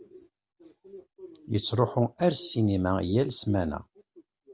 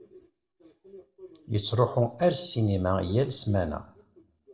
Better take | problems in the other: first | room echo; dies away in 0.4 s

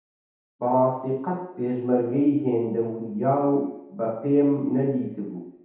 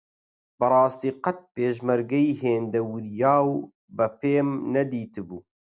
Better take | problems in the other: second | room echo; dies away in 2 s

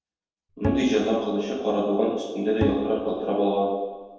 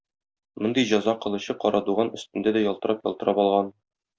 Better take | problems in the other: second | background sound (Bowed string instrument); 7 dB below the speech // room echo; dies away in 1.1 s

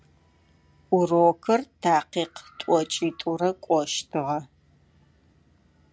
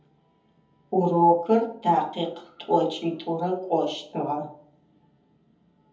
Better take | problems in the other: first | room echo; dies away in 0.7 s

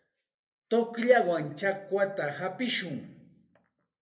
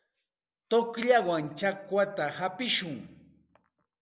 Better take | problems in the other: second | room echo; dies away in 0.3 s

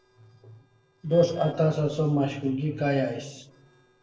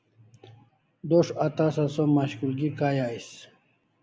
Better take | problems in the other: second | noise reduction (neural separator model SepFormer DNS4)

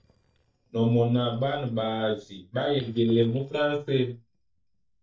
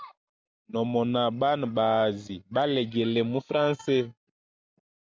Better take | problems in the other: second | noise reduction (neural mask model DeepFilterNet 3)

